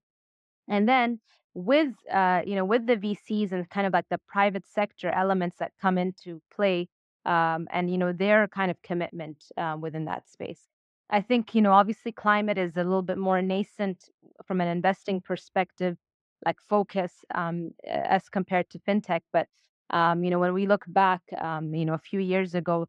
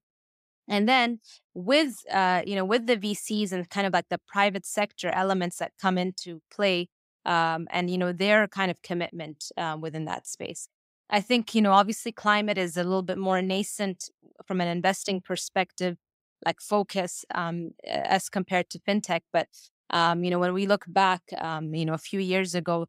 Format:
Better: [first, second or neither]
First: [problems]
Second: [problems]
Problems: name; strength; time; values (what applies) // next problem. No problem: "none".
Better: second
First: muffled; very; fading above 2 kHz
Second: none